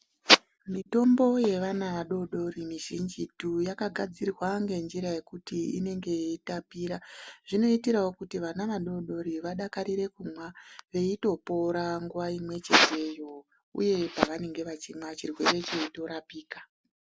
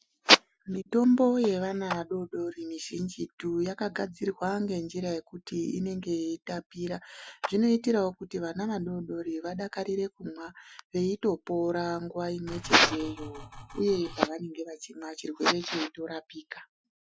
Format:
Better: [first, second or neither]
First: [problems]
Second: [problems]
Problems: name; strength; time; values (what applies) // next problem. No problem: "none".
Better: first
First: none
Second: noise reduction (classical method Wiener filter)